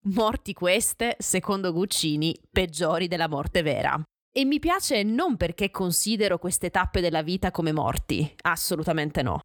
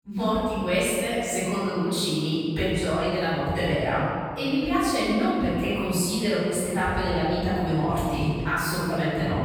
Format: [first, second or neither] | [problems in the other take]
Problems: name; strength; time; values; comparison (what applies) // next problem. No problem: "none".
first | off-mic speech; far // room echo; strong; dies away in 2 s